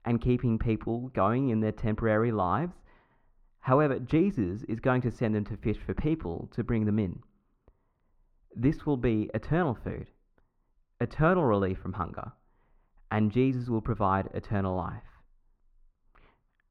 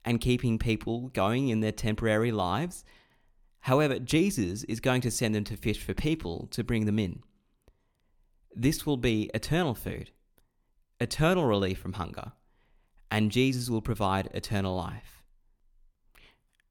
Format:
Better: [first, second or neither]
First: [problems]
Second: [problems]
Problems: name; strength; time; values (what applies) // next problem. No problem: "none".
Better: second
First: muffled; very; fading above 4 kHz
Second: none